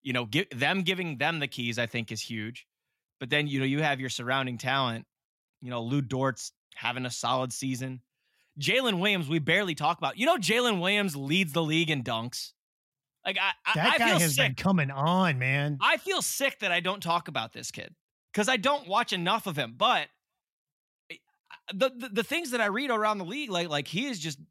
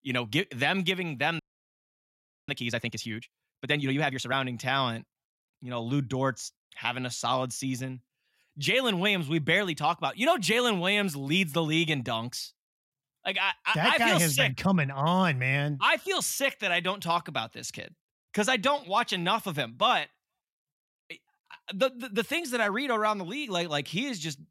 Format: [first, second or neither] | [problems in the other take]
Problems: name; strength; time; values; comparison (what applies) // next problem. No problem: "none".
first | audio freezing; at 1.5 s for 1 s